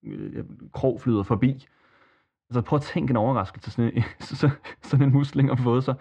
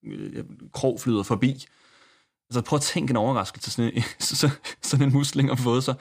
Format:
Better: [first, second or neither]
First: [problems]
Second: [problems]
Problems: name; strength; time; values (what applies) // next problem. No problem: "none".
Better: second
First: muffled; very; fading above 2 kHz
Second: none